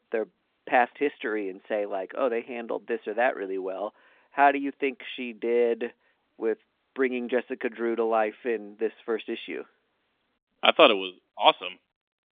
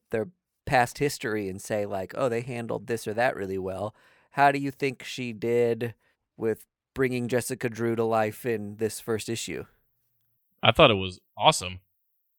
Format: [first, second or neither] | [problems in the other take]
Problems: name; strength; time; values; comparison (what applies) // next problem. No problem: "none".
second | phone-call audio; nothing above 3.5 kHz